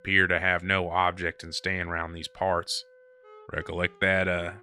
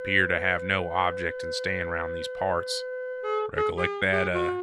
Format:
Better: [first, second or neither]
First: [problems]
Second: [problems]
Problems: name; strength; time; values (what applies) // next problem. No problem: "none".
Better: first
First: background music; faint; throughout; 30 dB below the speech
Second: background music; loud; throughout; 5 dB below the speech